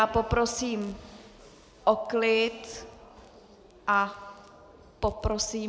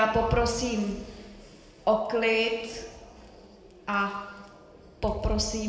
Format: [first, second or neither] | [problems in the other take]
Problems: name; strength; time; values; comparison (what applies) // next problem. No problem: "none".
first | room echo; dies away in 1 s